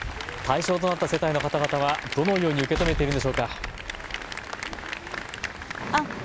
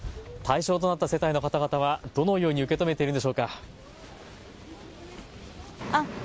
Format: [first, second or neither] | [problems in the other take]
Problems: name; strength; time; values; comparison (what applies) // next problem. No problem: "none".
second | background sound (Applause + Explosion); 6 dB below the speech